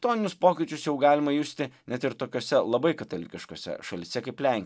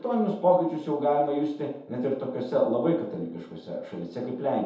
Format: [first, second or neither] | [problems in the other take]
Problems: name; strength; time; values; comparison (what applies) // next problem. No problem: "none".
first | room echo; dies away in 0.8 s